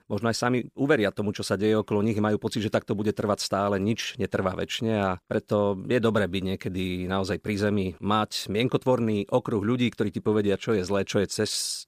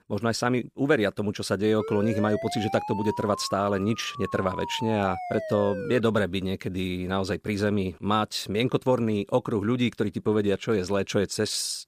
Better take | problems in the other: first | siren; noticeable; from 2 to 6 s; peak 8 dB below the speech

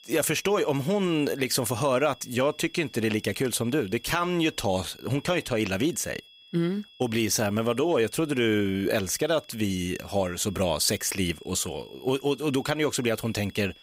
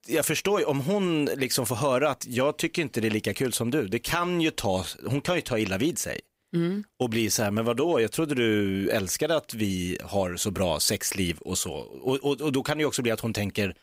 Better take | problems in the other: second | high-pitched whine; faint; throughout; 3.5 kHz, 25 dB below the speech

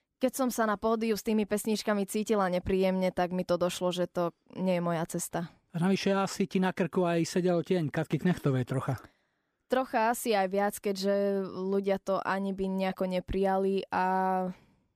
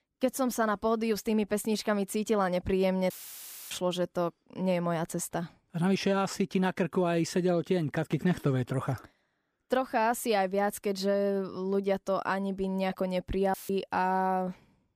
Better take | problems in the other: first | audio cutting out; filled with static; at 3 s for 0.5 s and at 14 s

